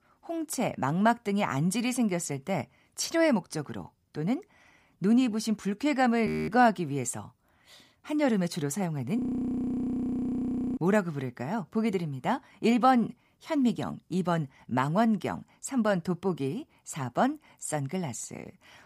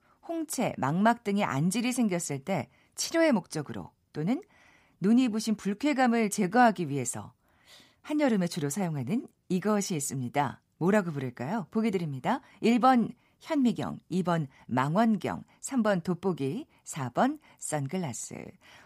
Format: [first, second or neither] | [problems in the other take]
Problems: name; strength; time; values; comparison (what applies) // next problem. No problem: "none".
second | audio freezing; at 6.5 s and at 9 s for 1.5 s